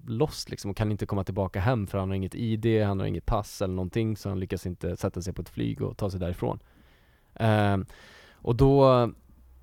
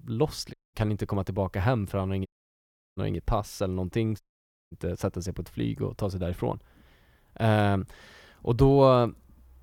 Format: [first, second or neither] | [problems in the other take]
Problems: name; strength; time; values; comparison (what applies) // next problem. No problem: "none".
first | audio cutting out; at 0.5 s, at 2.5 s for 0.5 s and at 4 s for 0.5 s